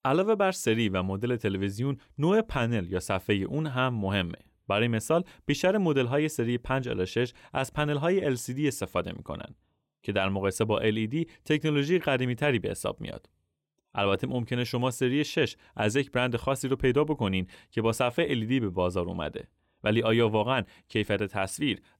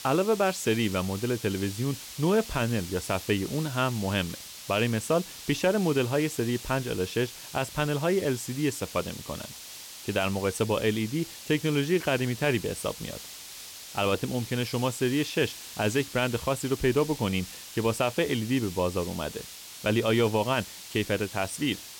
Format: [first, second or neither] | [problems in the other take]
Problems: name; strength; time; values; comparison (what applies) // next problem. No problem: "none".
first | hiss; noticeable; throughout; 10 dB below the speech